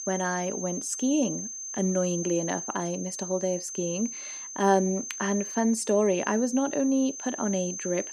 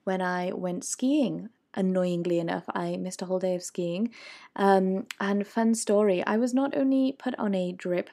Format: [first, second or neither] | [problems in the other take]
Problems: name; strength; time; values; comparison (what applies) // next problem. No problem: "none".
second | high-pitched whine; loud; throughout; 6.5 kHz, 7 dB below the speech